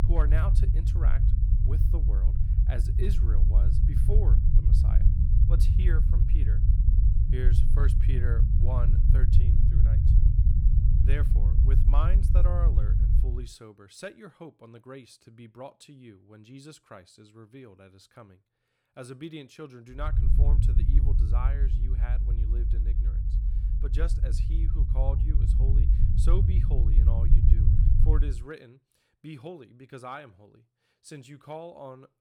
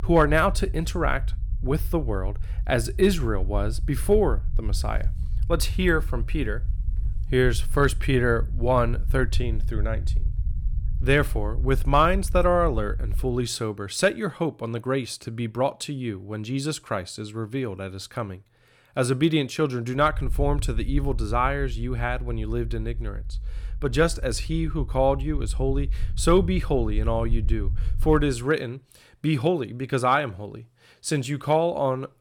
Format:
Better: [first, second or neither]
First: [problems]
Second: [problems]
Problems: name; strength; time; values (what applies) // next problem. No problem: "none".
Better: second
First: low rumble; loud; until 13 s and from 20 to 28 s; as loud as the speech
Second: low rumble; faint; until 13 s and from 20 to 28 s; 25 dB below the speech